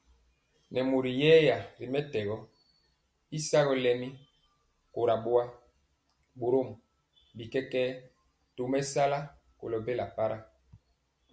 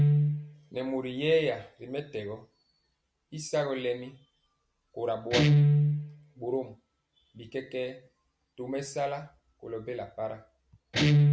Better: first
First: none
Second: background sound (Guitar); 4 dB above the speech

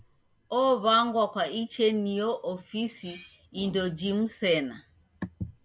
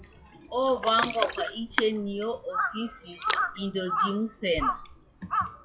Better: first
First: none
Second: noise reduction (classical method log-MMSE)

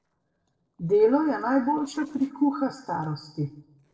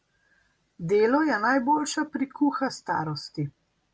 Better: second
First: noise reduction (neural separator model SepFormer DNS4)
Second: none

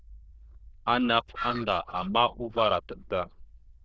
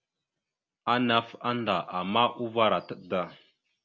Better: second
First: noise reduction (neural diffusion model UNIVERSE++)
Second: none

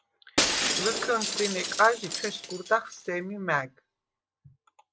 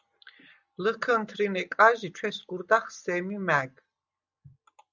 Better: second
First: background sound (Shatter); 2 dB below the speech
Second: none

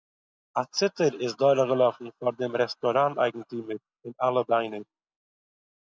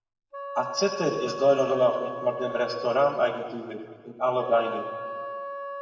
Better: first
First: none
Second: background sound (Wind instrument, woodwind instrument); 10 dB below the speech // room echo; dies away in 2 s

